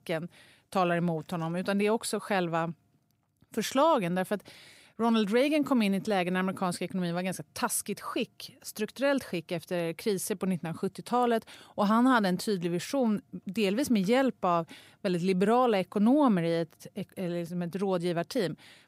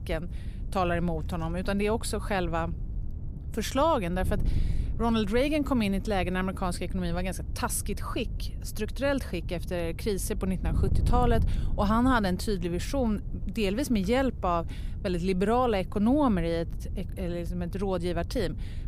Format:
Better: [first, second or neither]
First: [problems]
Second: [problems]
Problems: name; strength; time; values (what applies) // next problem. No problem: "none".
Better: first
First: none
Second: wind noise on the microphone; occasional gusts; 20 dB below the speech